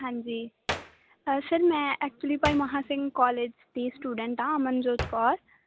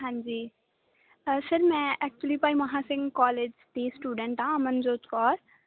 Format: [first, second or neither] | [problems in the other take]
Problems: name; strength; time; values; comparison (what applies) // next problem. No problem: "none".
second | background sound (Hands); 13 dB below the speech